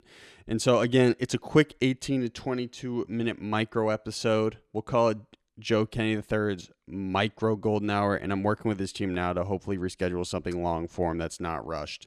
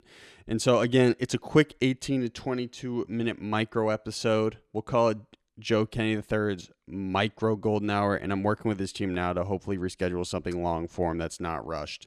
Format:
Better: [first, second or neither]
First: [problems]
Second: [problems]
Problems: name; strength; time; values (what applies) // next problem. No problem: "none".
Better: neither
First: none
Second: none